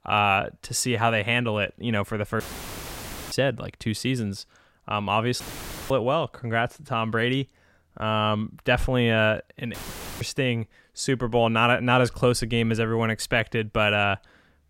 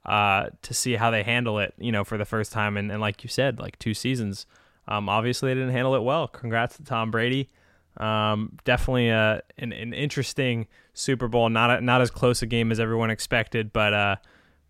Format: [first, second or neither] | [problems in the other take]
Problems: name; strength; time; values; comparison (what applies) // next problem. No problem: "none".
second | audio cutting out; filled with static; at 2.5 s for 1 s, at 5.5 s for 0.5 s and at 9.5 s